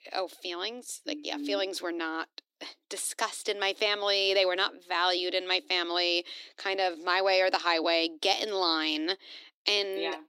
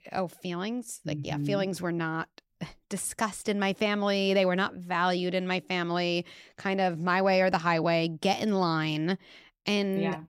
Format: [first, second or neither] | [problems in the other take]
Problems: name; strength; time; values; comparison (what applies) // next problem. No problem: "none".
second | thin; somewhat; fading below 300 Hz